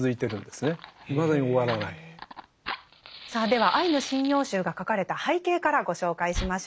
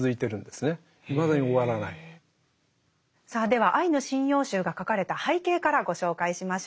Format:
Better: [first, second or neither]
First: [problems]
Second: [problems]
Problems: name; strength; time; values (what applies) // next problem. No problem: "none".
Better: second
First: background sound (Fire); 13 dB below the speech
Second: none